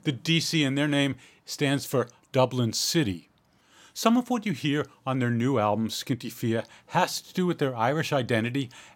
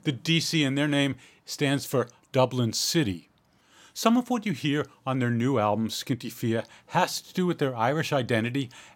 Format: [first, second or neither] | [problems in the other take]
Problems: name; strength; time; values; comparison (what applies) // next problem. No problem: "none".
neither | none